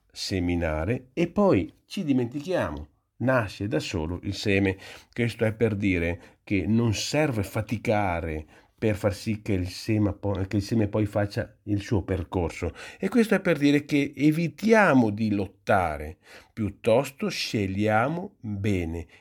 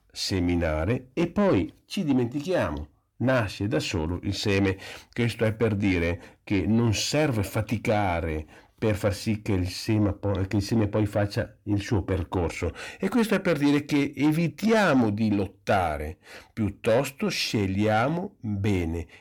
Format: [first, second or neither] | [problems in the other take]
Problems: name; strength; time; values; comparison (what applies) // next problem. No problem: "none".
first | distortion; slight; 10 dB below the speech